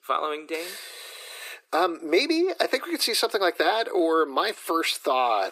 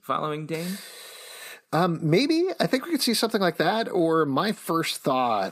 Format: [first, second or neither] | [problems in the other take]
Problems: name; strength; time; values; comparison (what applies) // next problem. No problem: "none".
second | thin; very; fading below 350 Hz